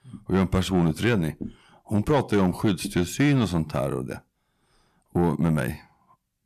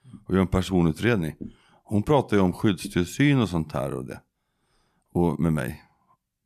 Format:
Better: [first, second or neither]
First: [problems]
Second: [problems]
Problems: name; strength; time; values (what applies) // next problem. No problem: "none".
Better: second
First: distortion; slight; 10 dB below the speech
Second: none